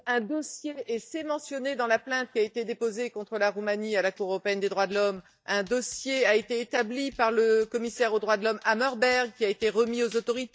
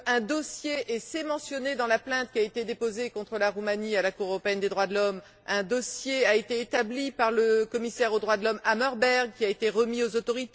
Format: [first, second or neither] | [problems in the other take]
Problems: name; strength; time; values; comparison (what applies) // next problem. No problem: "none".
second | noise reduction (neural mask model DeepFilterNet 3)